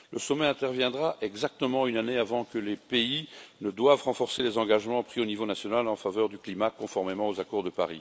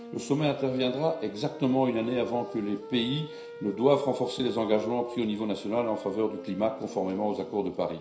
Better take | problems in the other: first | background sound (Wind instrument, woodwind instrument); 15 dB below the speech // room echo; dies away in 0.5 s

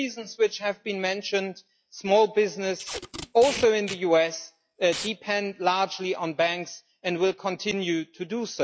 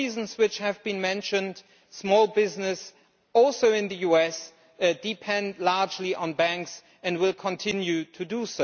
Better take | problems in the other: second | noise reduction (classical method log-MMSE)

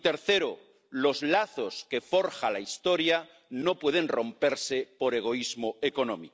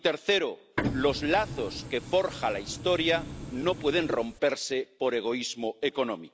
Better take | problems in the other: first | background sound (Printer); 8 dB below the speech

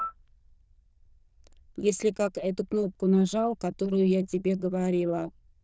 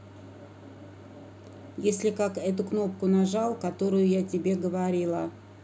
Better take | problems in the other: second | noise reduction (neural diffusion model UNIVERSE++)

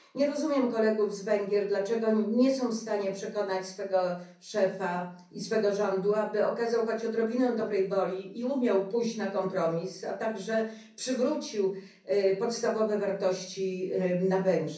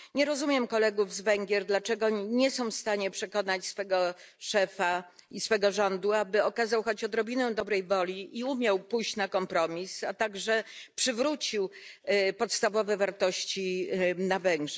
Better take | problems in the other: second | room echo; dies away in 0.6 s

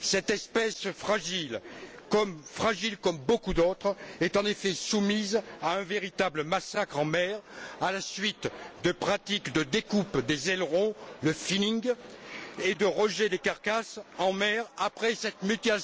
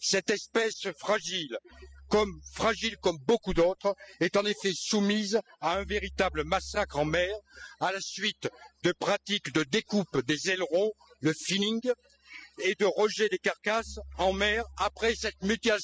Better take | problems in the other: first | noise reduction (classical method spectral subtraction)

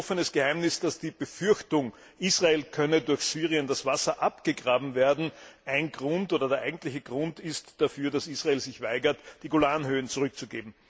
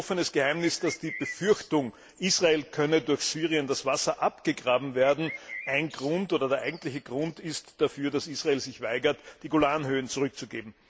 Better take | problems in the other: first | background sound (Bird); 15 dB below the speech

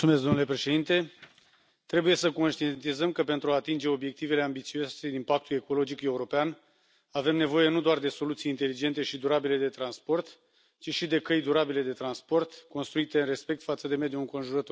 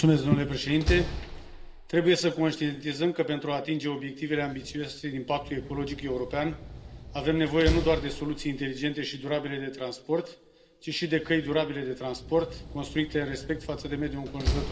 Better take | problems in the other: first | background sound (Slam); 9 dB below the speech // room echo; dies away in 1.2 s

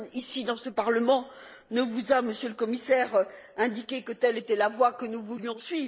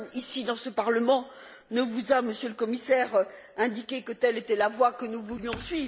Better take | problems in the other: second | noise reduction (neural mask model Resemble Enhance denoiser)

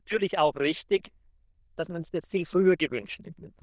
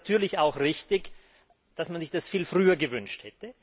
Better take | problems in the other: second | noise reduction (neural diffusion model UNIVERSE++)

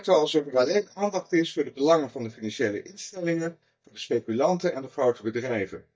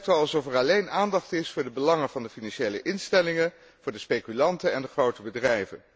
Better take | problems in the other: second | noise reduction (neural mask model DeepFilterNet 3)

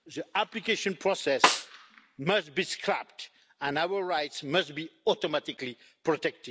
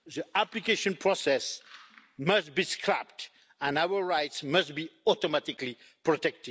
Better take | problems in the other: second | background sound (Snare drum); 4 dB above the speech

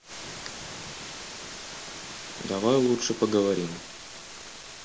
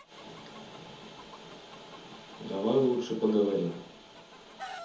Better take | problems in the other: first | background sound (Chicken, rooster); 19 dB below the speech // room echo; dies away in 0.7 s

